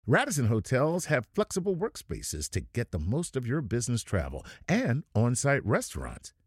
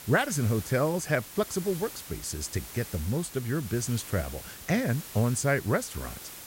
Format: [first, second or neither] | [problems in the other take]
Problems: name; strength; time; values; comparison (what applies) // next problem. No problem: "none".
first | hiss; noticeable; throughout; 10 dB below the speech